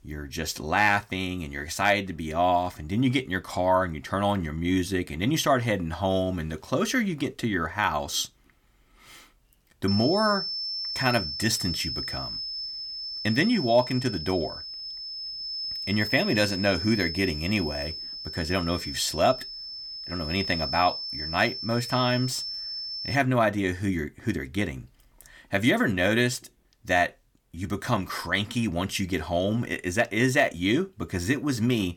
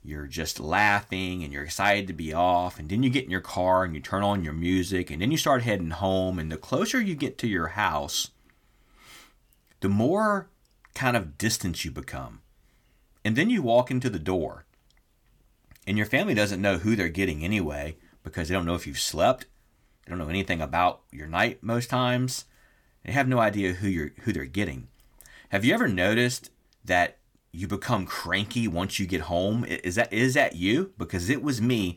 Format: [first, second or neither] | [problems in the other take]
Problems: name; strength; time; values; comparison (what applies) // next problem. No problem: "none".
second | high-pitched whine; loud; from 10 to 23 s; 5 kHz, 5 dB below the speech